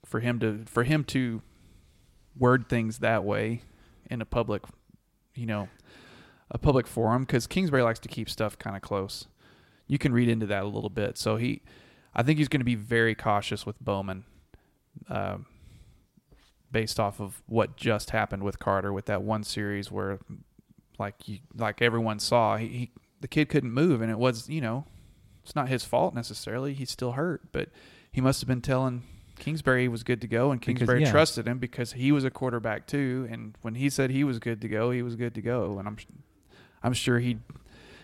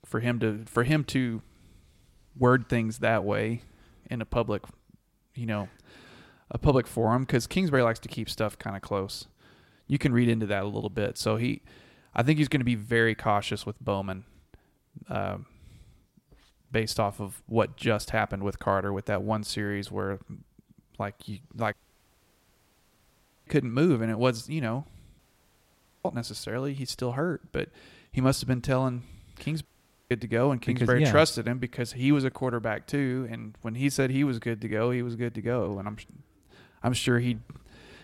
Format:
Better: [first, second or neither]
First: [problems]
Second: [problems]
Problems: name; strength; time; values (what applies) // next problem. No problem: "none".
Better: first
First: none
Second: audio cutting out; at 22 s for 1.5 s, at 25 s for 1 s and at 30 s